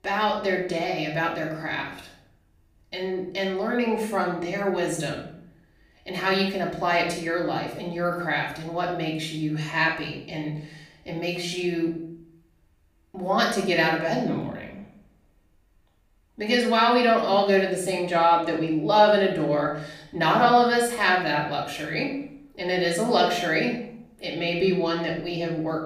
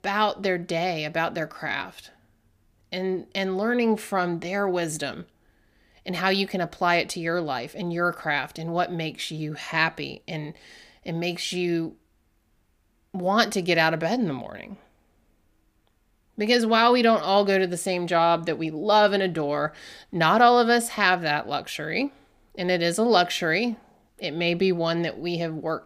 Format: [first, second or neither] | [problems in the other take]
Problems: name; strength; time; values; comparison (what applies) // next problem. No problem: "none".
second | off-mic speech; far // room echo; noticeable; dies away in 0.6 s